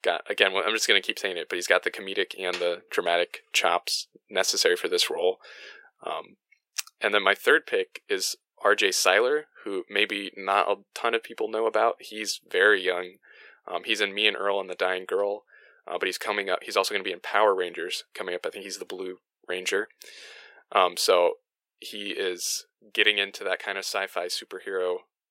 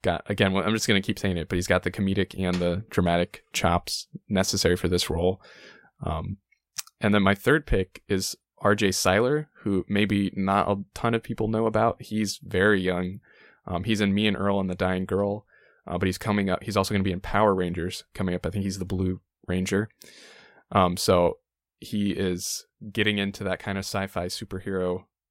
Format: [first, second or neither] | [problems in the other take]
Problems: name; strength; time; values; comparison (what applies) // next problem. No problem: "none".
second | thin; very; fading below 400 Hz